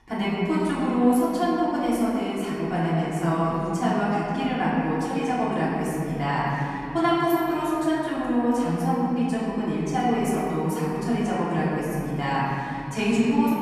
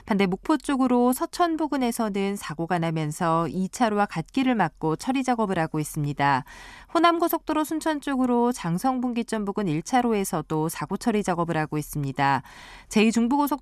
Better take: second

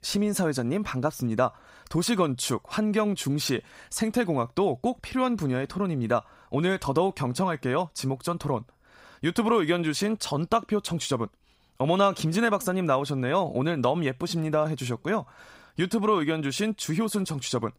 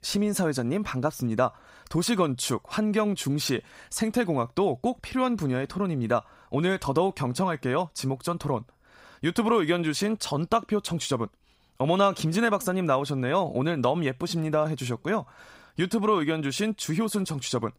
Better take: neither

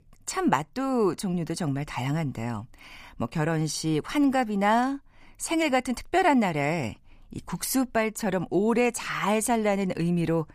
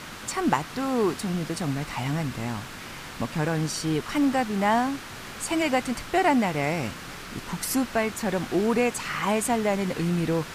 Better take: first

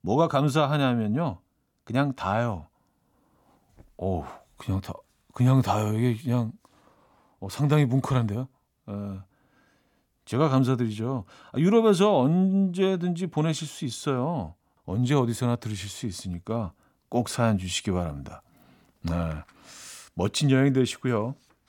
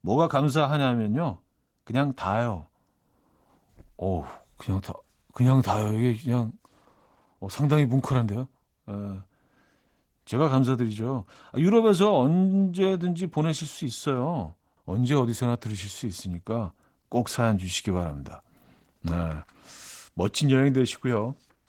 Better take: first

